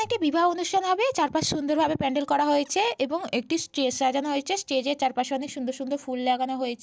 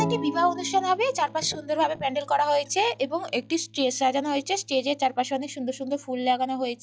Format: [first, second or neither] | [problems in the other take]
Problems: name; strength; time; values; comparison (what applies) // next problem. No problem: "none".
first | noise reduction (classical method log-MMSE)